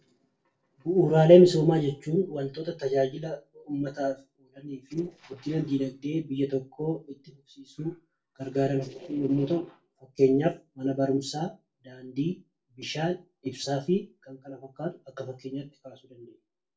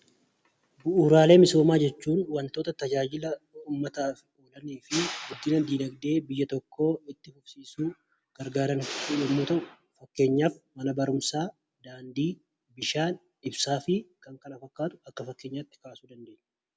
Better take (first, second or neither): second